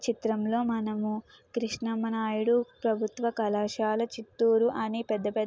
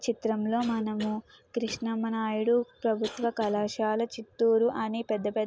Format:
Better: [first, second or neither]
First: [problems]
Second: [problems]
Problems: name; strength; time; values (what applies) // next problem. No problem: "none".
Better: first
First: none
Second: background sound (Cough); 18 dB below the speech